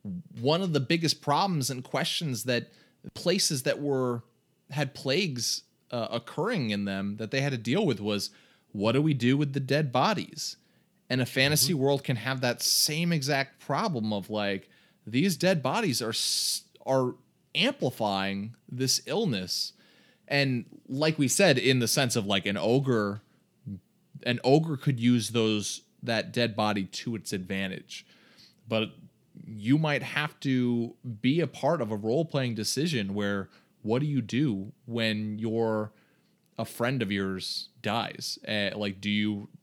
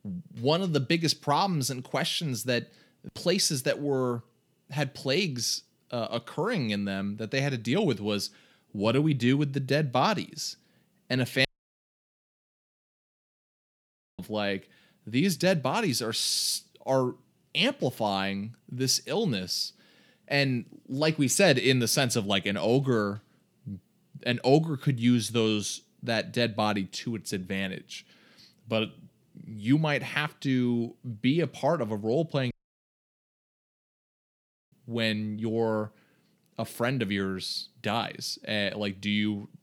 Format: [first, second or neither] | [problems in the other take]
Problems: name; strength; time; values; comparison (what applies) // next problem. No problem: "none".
first | audio cutting out; at 11 s for 2.5 s and at 33 s for 2 s